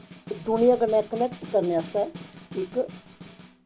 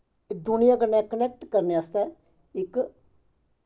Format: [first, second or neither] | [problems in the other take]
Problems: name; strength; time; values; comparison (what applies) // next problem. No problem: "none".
second | background sound (Snare drum); 16 dB below the speech